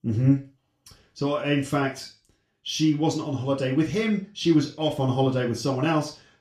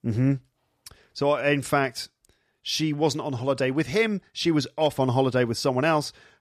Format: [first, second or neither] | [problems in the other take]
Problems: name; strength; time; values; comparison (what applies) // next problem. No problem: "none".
second | room echo; slight; dies away in 0.3 s // off-mic speech; far